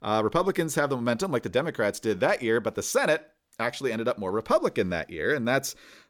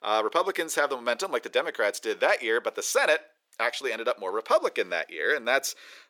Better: first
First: none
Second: thin; very; fading below 450 Hz

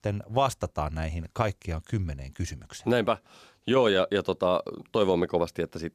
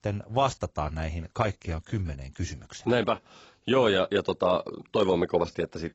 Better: first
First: none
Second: garbled, watery; badly; nothing above 7.5 kHz

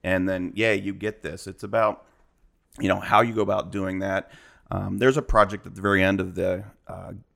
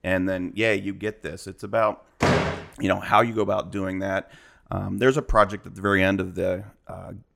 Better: first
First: none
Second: door banging; loud; at 2 s; peak 2 dB above the speech

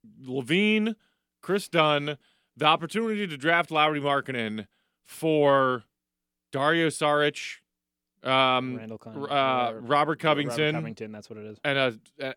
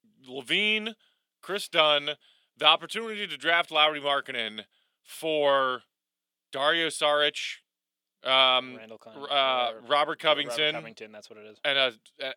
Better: first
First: none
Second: thin; somewhat; fading below 850 Hz

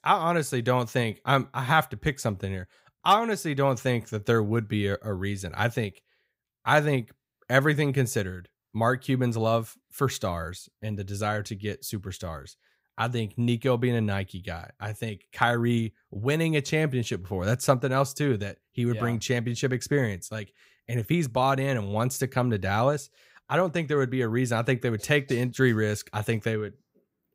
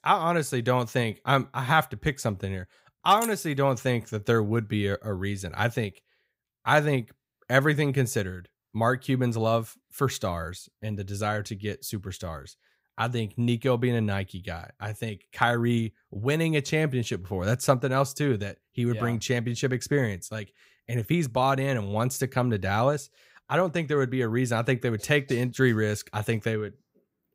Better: first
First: none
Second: jangling keys; noticeable; at 3 s; peak 9 dB below the speech

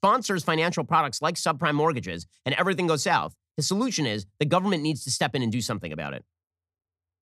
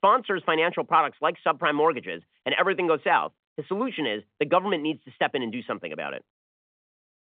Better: first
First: none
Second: phone-call audio; nothing above 3.5 kHz

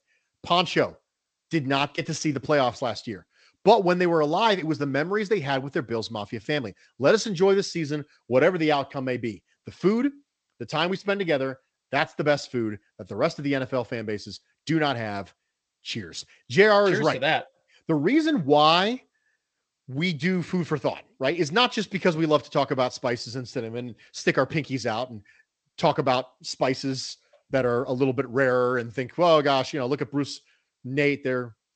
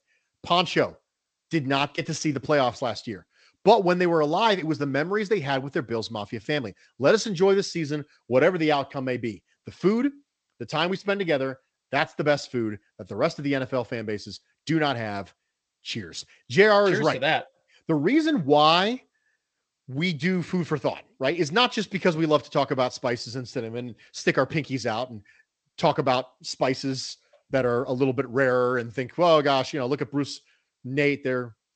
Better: neither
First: garbled, watery; slightly; nothing above 8 kHz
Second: garbled, watery; slightly; nothing above 8 kHz

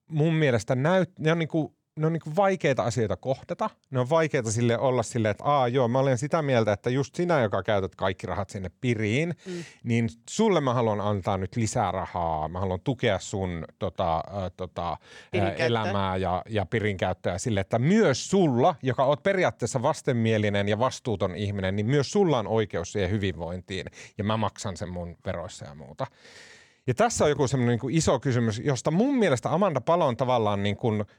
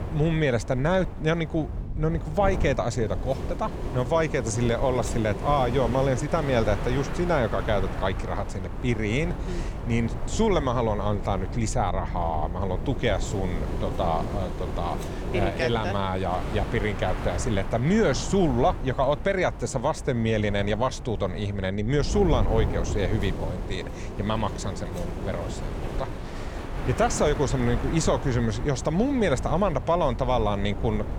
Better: first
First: none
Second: wind noise on the microphone; occasional gusts; 10 dB below the speech

